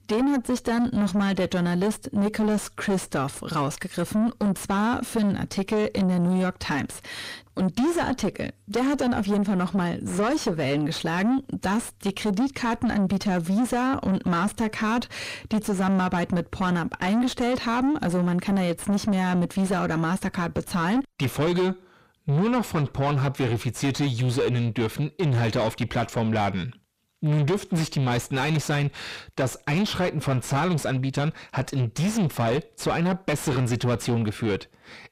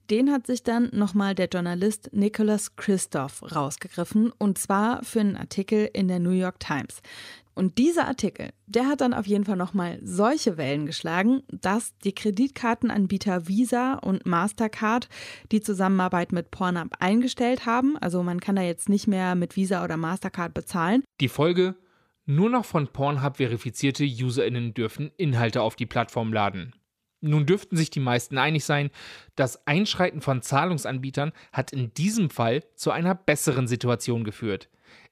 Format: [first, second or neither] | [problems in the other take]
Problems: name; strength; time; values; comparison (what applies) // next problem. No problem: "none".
second | distortion; heavy; 6 dB below the speech